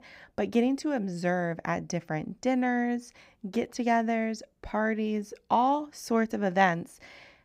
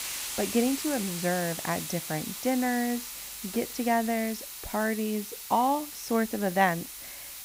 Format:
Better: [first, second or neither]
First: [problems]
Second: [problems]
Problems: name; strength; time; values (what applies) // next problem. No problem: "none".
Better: first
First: none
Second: hiss; loud; throughout; 7 dB below the speech